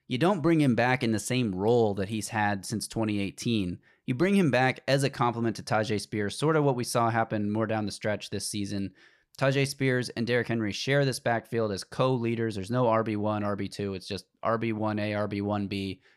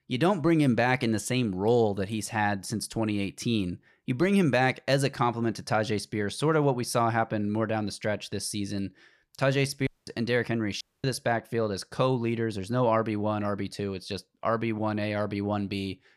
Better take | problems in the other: first | audio cutting out; at 10 s and at 11 s

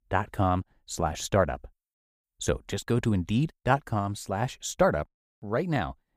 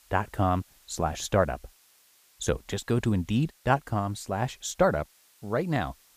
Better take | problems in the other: first | hiss; faint; throughout; 30 dB below the speech

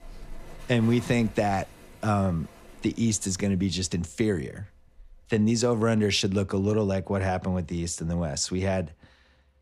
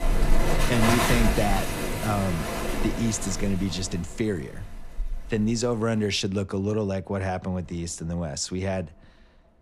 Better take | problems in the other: first | rain or running water; loud; throughout; as loud as the speech; faint in the first

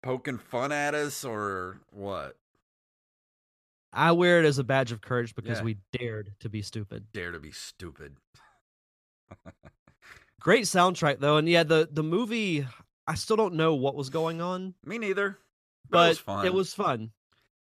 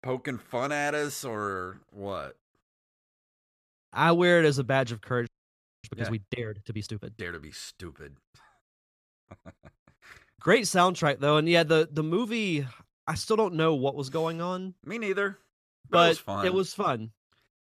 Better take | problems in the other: first | audio freezing; at 5.5 s for 0.5 s

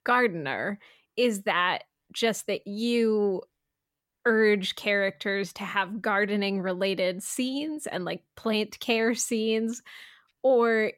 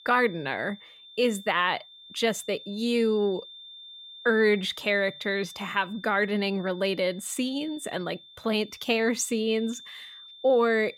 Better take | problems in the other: first | high-pitched whine; noticeable; throughout; 3.5 kHz, 20 dB below the speech

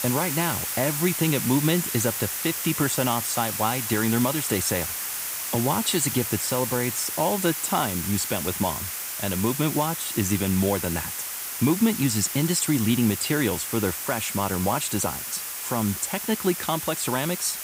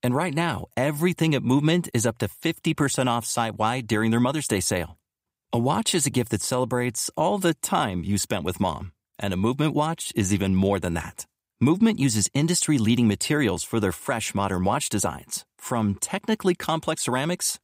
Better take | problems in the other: second | hiss; loud; throughout; 3 dB below the speech

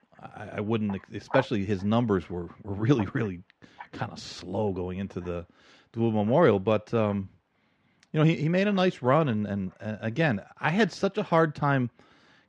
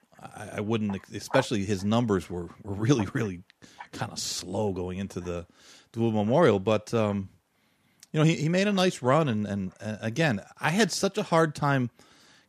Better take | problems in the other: second | muffled; slightly; fading above 3 kHz

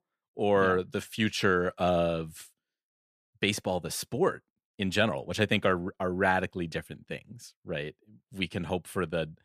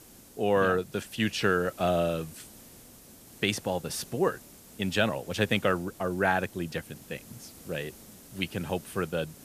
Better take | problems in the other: first | hiss; noticeable; throughout; 20 dB below the speech

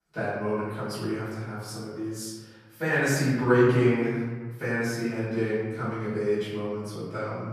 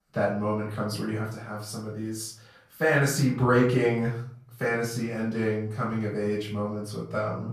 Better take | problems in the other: second | room echo; strong; dies away in 1.4 s; slight in the second // off-mic speech; far; far in the second

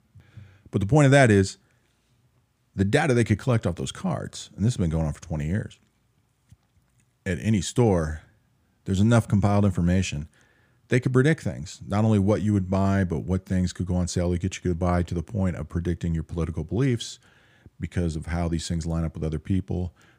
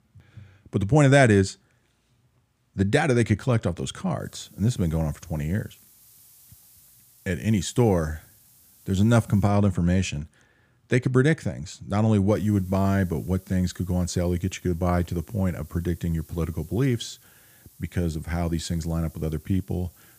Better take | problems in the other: first | hiss; faint; from 4 to 9.5 s and from 12 s on; 25 dB below the speech

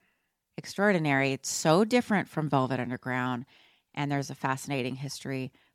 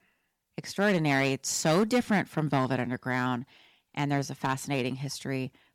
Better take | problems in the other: first | distortion; slight; 3% of the sound clipped

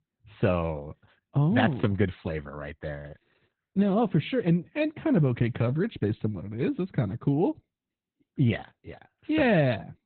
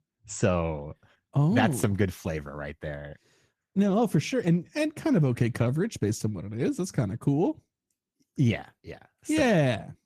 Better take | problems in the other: second | garbled, watery; badly; nothing above 4 kHz; slightly in the second

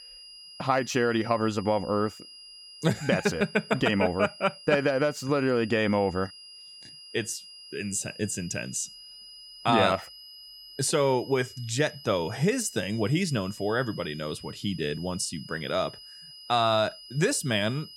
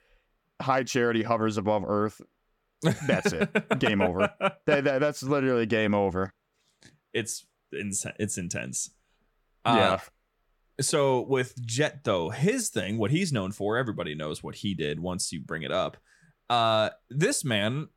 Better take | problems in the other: second | high-pitched whine; noticeable; throughout; 5 kHz, 15 dB below the speech

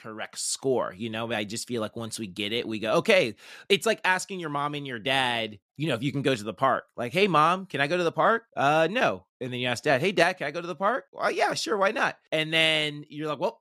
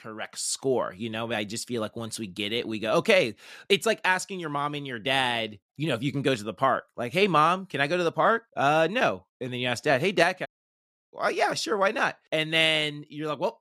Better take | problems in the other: first | audio cutting out; at 10 s for 0.5 s

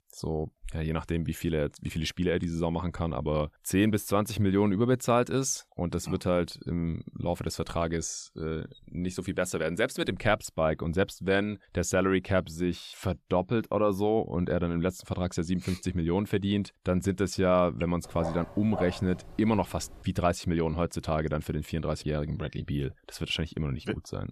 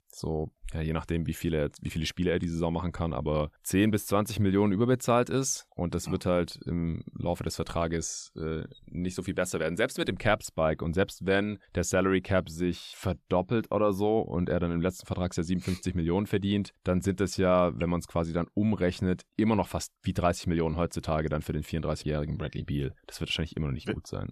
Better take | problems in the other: second | dog barking; noticeable; from 18 to 20 s; peak 8 dB below the speech

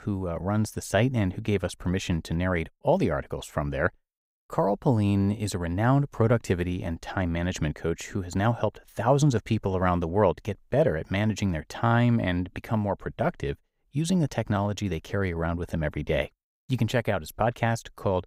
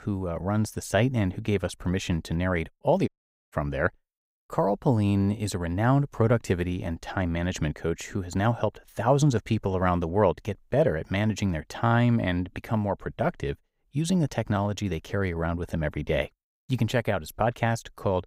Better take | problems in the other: first | audio cutting out; at 3 s

